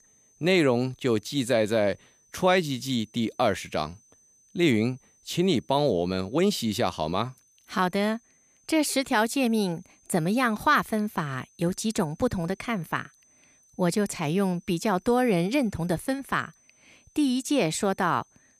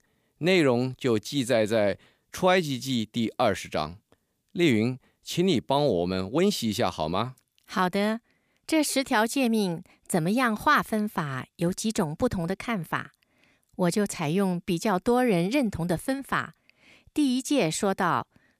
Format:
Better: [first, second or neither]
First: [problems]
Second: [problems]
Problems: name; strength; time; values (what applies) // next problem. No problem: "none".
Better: second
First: high-pitched whine; faint; throughout; 6 kHz, 35 dB below the speech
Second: none